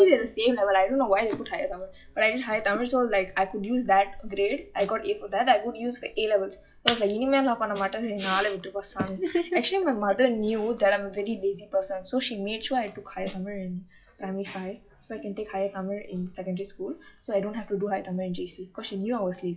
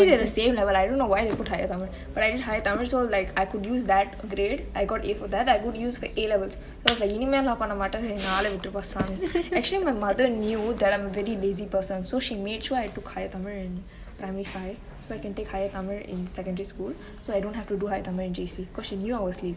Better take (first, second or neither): second